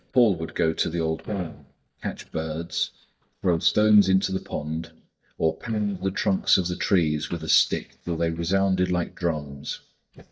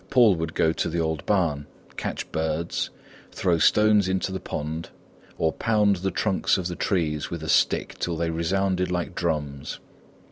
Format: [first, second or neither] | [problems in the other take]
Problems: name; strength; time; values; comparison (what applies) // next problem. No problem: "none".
second | noise reduction (neural mask model DeepFilterNet 3)